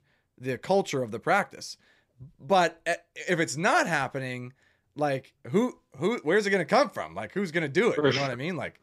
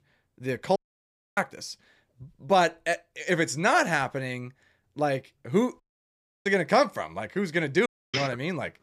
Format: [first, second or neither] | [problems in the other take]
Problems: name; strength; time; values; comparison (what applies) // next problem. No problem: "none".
first | audio cutting out; at 1 s for 0.5 s, at 6 s for 0.5 s and at 8 s